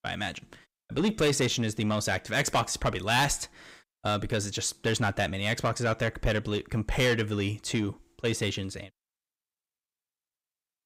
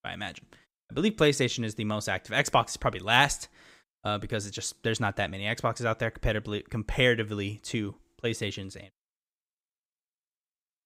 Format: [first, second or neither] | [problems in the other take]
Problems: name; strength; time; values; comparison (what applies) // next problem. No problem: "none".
second | distortion; heavy; 8 dB below the speech